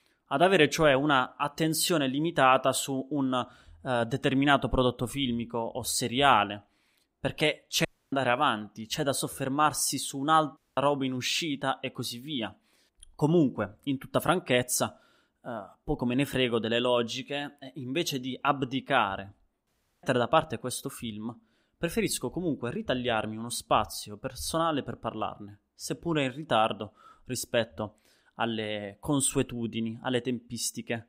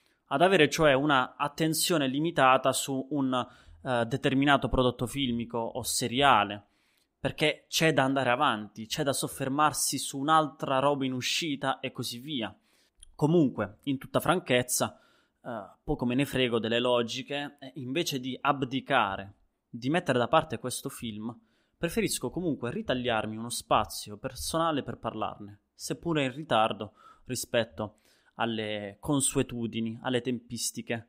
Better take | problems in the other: second | audio cutting out; at 8 s, at 11 s and at 20 s

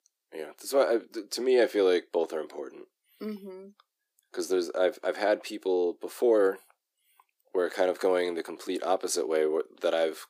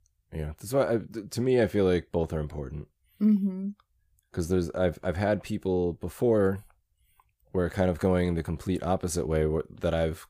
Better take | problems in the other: second | thin; somewhat; fading below 300 Hz

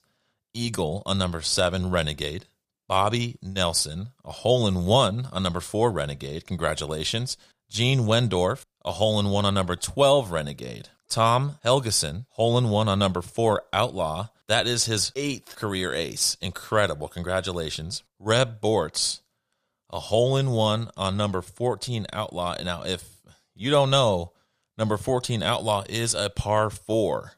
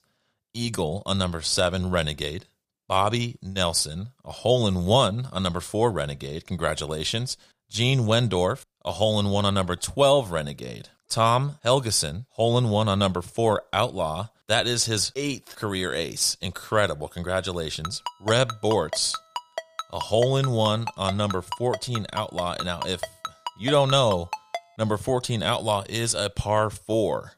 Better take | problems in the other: first | phone ringing; noticeable; from 18 to 25 s; peak 9 dB below the speech

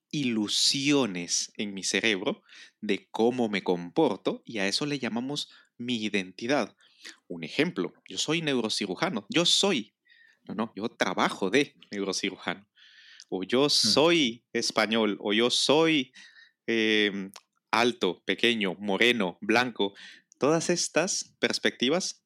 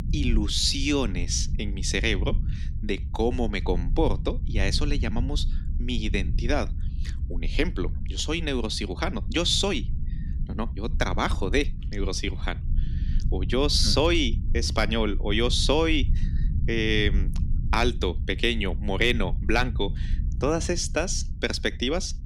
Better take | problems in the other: first | low rumble; noticeable; throughout; 20 dB below the speech

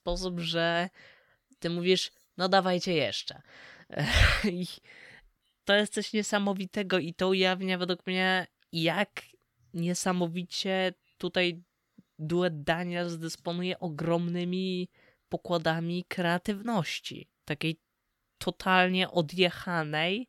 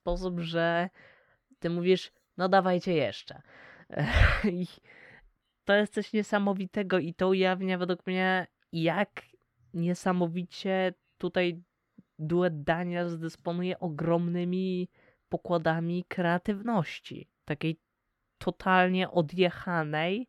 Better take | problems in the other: first | muffled; slightly; fading above 3 kHz

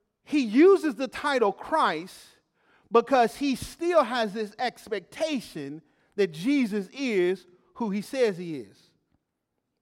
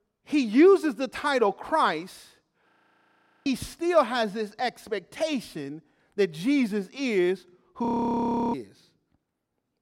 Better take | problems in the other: first | audio freezing; at 2.5 s for 1 s and at 8 s for 0.5 s

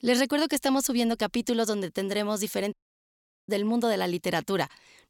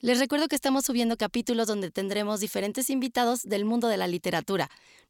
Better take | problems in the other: second | audio cutting out; at 2.5 s for 1 s

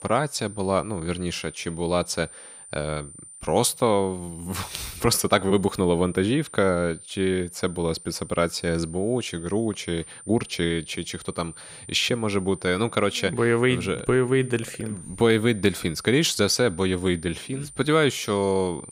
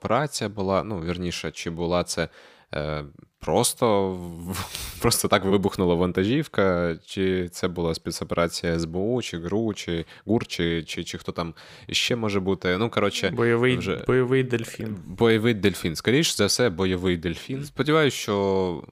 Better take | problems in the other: second | high-pitched whine; noticeable; throughout; 9 kHz, 15 dB below the speech

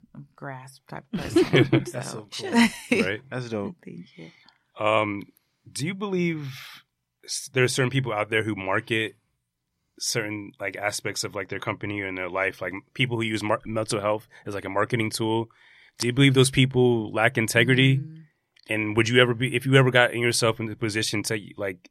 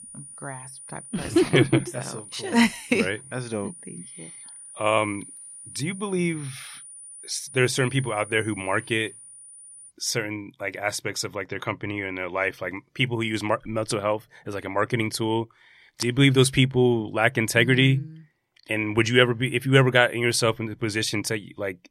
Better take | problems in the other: first | high-pitched whine; noticeable; until 10 s; 9.5 kHz, 15 dB below the speech

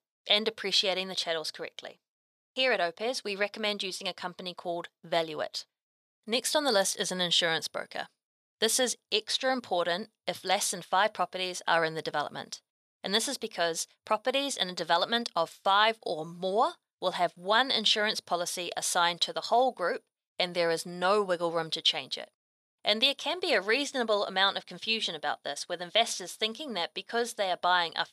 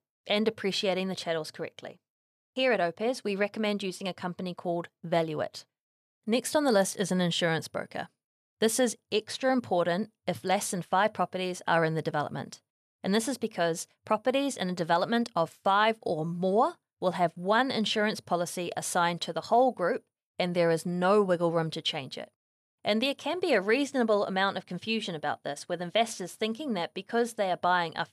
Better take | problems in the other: second | thin; very slightly; fading below 650 Hz

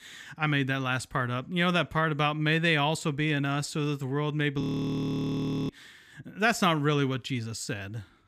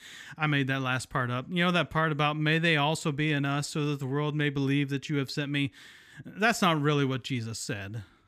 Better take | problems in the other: second | audio freezing; at 4.5 s for 1 s

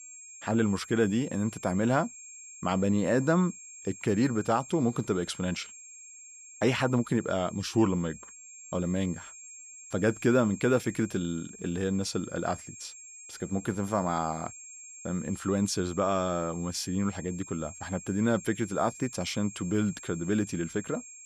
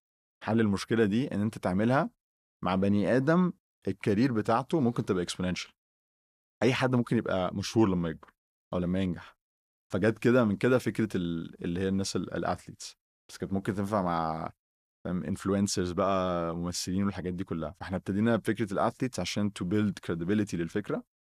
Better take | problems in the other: second | high-pitched whine; noticeable; throughout; 7.5 kHz, 15 dB below the speech

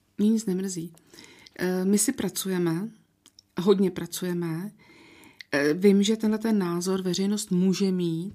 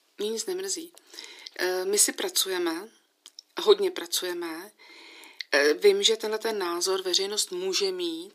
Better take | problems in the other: first | thin; very; fading below 350 Hz

